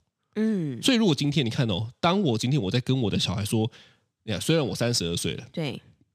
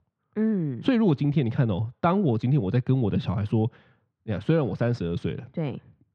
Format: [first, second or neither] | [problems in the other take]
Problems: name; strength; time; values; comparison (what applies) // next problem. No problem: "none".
first | muffled; very; fading above 1.5 kHz